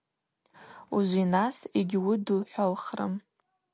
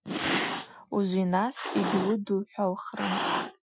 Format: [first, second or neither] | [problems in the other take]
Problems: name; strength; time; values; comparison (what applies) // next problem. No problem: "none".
first | noise reduction (classical method Wiener filter)